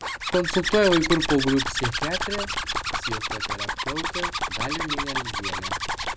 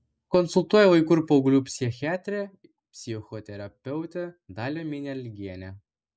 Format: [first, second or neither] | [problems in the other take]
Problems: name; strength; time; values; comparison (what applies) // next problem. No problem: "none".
second | background sound (Zipper (clothing)); 1 dB below the speech